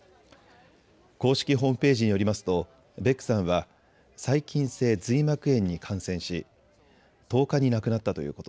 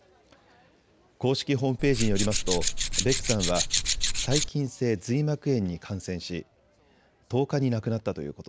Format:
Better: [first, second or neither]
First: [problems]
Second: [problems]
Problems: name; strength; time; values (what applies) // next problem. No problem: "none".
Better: first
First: none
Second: background sound (Tools); 2 dB above the speech